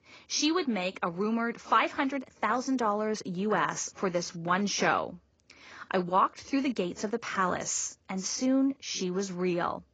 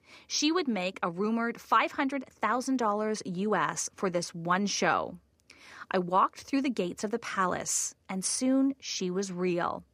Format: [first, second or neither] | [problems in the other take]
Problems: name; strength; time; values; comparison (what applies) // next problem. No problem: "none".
second | garbled, watery; badly; nothing above 7.5 kHz